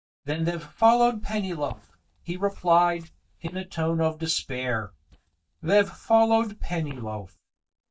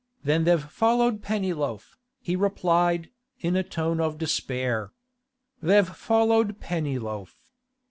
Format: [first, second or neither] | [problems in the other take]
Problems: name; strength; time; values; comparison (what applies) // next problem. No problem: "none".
second | noise reduction (neural mask model DeepFilterNet 3)